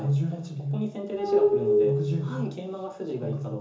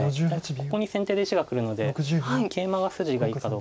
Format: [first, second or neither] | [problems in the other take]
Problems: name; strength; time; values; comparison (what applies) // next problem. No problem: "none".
second | background sound (Glass); 4 dB above the speech // room echo; dies away in 0.7 s